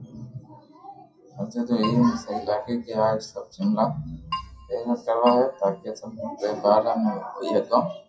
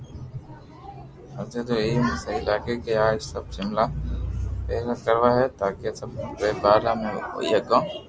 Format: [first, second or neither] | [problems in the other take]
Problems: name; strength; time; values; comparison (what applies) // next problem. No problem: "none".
second | noise reduction (classical method WPE with log-MMSE)